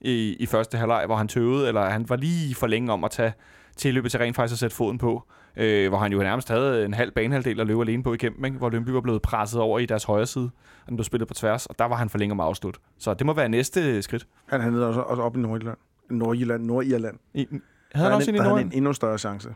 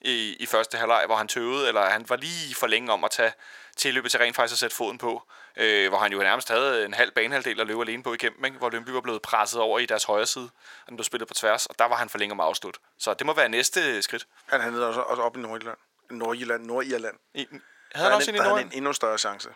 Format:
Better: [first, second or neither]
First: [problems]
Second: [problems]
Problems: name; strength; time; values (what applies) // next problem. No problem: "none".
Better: first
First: none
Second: thin; very; fading below 600 Hz